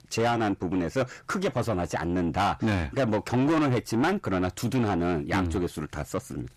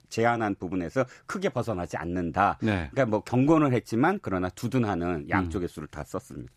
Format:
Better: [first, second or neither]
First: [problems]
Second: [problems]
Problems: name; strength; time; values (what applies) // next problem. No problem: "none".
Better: second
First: distortion; heavy; 8 dB below the speech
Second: none